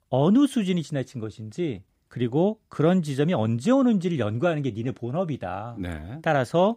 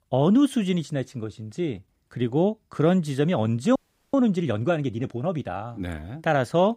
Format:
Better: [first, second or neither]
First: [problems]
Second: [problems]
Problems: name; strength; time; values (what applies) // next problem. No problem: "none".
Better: first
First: none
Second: audio freezing; at 4 s